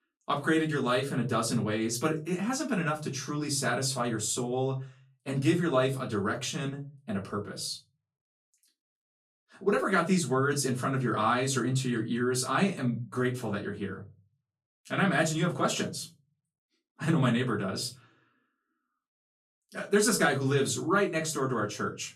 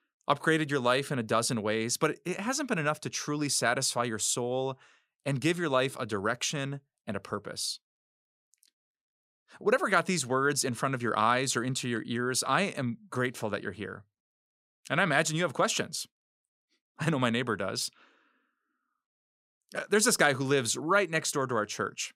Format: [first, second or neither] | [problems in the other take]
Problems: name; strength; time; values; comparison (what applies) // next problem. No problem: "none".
second | off-mic speech; far // room echo; very slight; dies away in 0.3 s